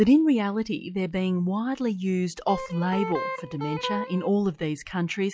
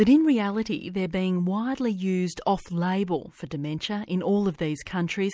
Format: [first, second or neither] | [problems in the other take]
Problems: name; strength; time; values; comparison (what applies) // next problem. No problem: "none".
second | noise reduction (classical method log-MMSE)